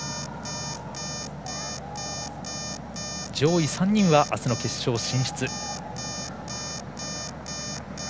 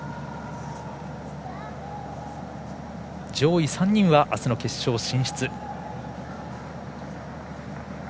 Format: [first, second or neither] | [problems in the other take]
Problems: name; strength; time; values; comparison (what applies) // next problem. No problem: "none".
second | background sound (Alarm); 9 dB below the speech